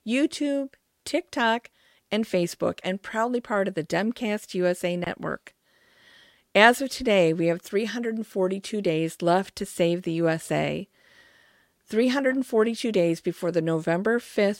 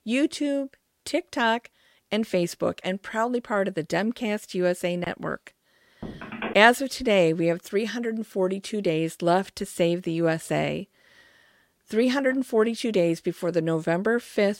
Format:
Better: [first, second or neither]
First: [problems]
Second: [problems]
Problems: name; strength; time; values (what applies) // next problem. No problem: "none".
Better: first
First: none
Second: phone ringing; noticeable; at 6 s; peak 8 dB below the speech